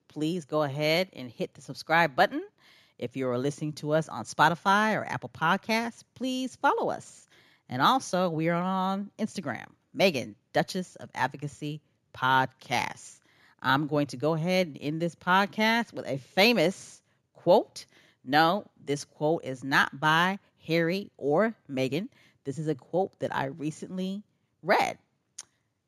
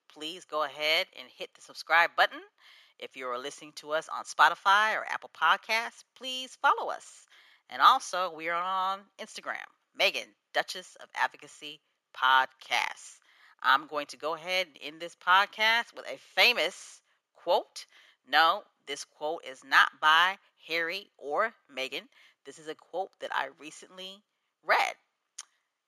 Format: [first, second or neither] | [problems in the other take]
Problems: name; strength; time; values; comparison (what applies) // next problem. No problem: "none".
first | thin; very; fading below 700 Hz